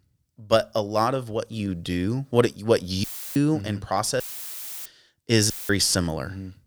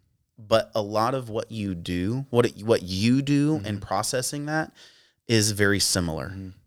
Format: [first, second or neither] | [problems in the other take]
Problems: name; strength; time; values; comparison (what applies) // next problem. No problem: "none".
second | audio cutting out; filled with static; at 3 s, at 4 s for 0.5 s and at 5.5 s